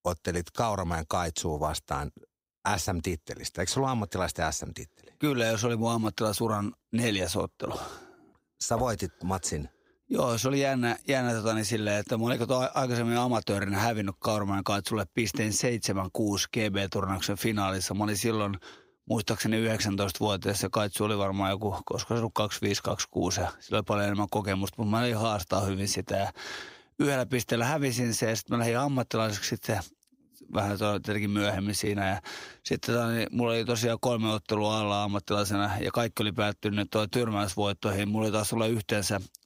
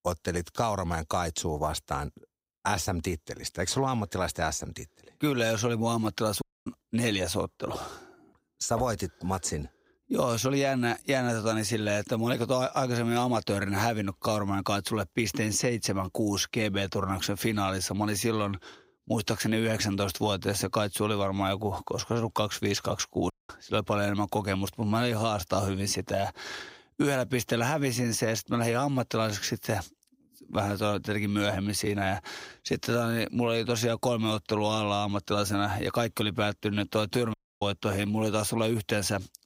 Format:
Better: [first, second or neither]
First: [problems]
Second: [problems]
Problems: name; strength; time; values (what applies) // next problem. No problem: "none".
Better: first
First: none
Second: audio cutting out; at 6.5 s, at 23 s and at 37 s